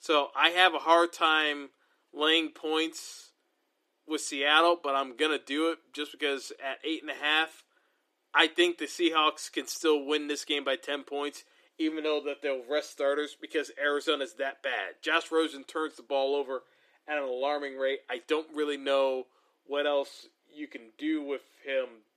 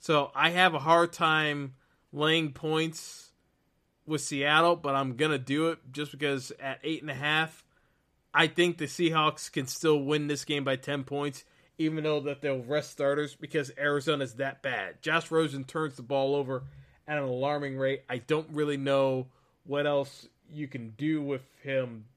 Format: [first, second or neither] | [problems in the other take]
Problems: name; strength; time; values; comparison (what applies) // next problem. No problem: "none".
second | thin; somewhat; fading below 300 Hz